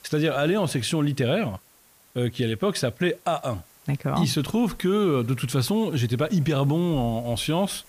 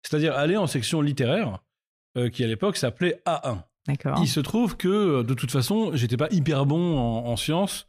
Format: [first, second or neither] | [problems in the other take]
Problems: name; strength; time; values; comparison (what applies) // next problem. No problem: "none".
second | hiss; faint; throughout; 25 dB below the speech